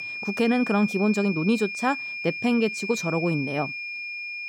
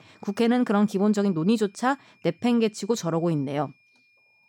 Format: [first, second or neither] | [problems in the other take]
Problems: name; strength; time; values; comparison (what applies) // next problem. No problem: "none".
second | high-pitched whine; loud; throughout; 2.5 kHz, 6 dB below the speech; faint in the second